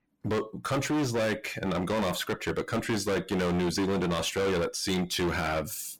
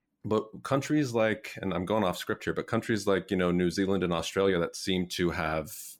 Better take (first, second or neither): second